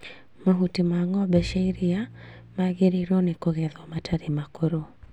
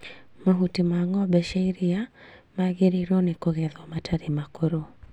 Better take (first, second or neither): second